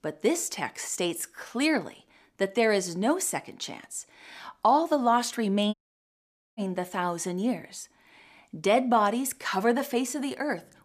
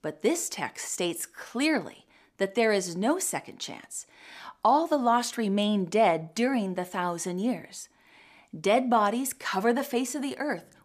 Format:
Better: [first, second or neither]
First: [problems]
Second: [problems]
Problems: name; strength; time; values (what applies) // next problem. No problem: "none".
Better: second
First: audio cutting out; at 5.5 s for 1 s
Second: none